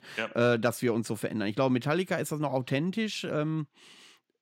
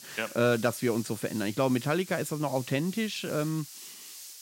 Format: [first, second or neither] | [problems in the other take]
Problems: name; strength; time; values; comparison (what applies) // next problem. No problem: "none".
first | hiss; noticeable; throughout; 15 dB below the speech